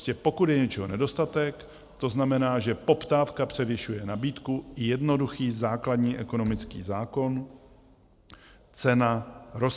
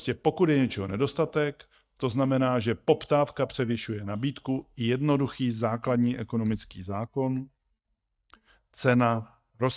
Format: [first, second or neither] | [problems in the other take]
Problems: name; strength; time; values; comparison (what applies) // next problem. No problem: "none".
first | noise reduction (neural mask model DeepFilterNet 3)